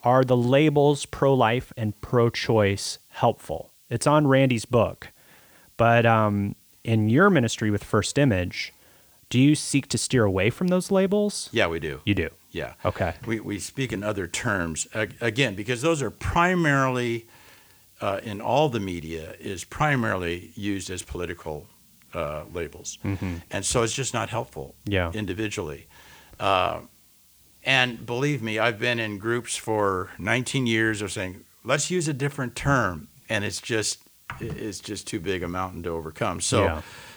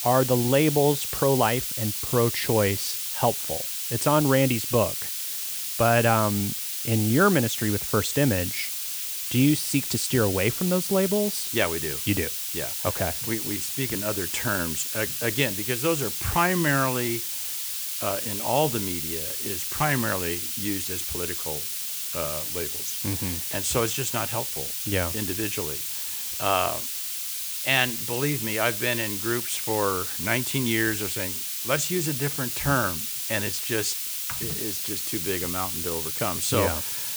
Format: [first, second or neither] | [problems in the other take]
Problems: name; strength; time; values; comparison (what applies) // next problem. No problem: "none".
first | hiss; loud; throughout; 2 dB below the speech; faint in the first